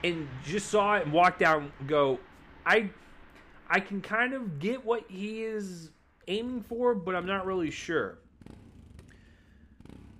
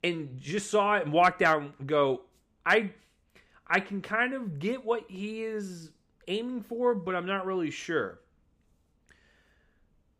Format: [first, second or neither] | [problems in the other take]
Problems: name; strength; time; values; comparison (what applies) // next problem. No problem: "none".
second | traffic noise; faint; throughout; 25 dB below the speech